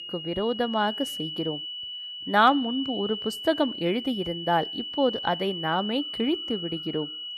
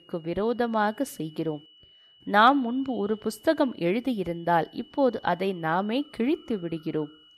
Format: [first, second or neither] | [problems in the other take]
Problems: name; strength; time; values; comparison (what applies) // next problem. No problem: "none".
second | high-pitched whine; loud; throughout; 3 kHz, 6 dB below the speech; faint in the second